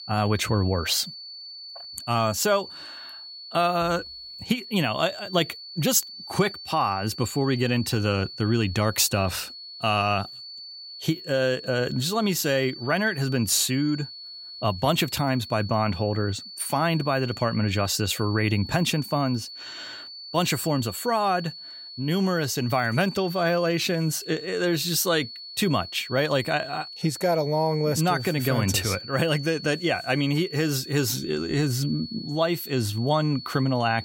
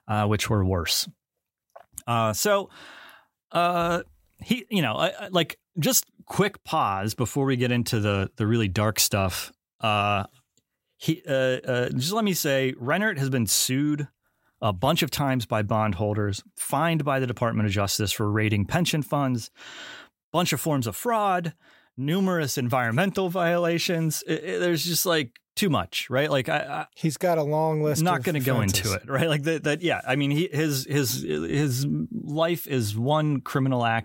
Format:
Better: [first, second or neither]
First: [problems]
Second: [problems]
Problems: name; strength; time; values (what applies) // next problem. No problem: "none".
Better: second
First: high-pitched whine; noticeable; throughout; 4.5 kHz, 15 dB below the speech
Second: none